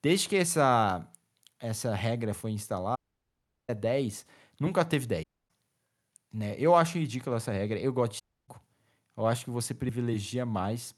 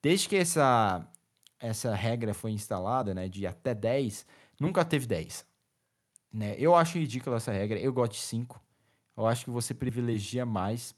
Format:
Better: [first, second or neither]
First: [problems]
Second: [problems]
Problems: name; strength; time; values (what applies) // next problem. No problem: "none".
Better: second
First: audio cutting out; at 3 s for 0.5 s, at 5 s and at 8 s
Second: none